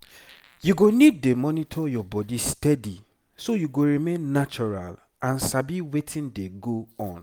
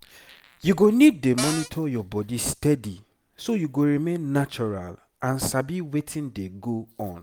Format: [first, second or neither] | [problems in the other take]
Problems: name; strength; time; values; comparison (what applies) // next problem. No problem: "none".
first | background sound (Cupboard open or close); 5 dB below the speech